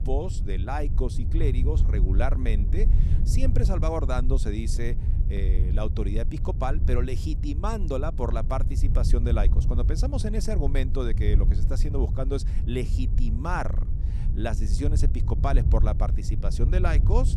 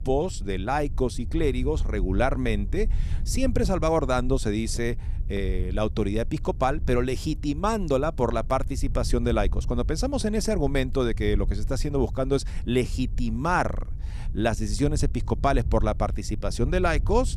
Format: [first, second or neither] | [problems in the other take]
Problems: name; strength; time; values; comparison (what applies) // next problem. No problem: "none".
second | low rumble; loud; throughout; 9 dB below the speech; faint in the second